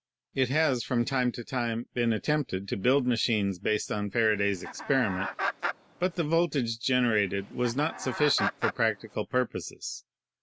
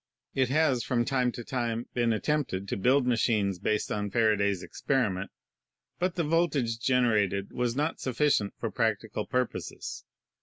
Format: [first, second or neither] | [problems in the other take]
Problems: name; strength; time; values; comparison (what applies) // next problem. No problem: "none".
second | background sound (Chicken, rooster); 7 dB below the speech